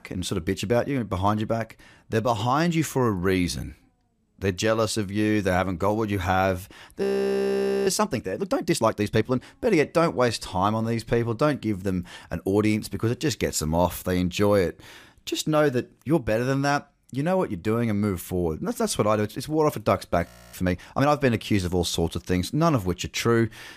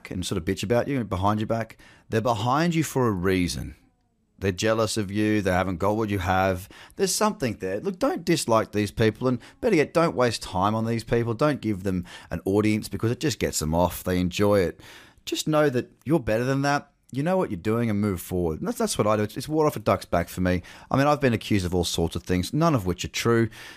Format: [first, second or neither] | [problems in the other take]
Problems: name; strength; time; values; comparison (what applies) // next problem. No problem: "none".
second | audio freezing; at 7 s for 1 s and at 20 s